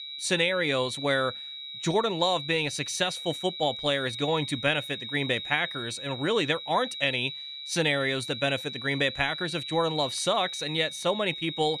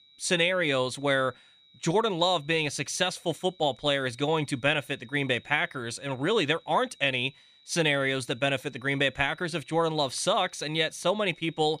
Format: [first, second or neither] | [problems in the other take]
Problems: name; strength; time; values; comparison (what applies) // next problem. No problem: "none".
second | high-pitched whine; loud; throughout; 4 kHz, 8 dB below the speech; faint in the second